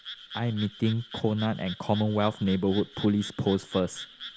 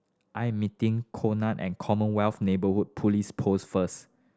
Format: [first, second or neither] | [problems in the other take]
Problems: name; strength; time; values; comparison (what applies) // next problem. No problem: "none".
second | background sound (Frog); 15 dB below the speech